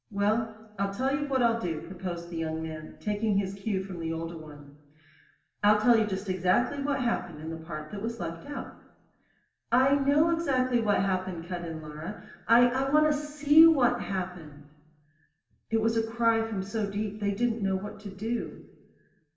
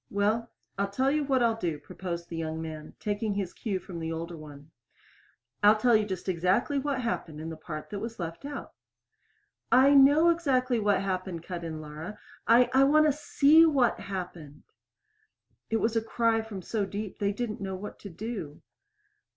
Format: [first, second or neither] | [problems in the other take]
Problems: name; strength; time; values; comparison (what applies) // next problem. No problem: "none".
second | room echo; dies away in 0.9 s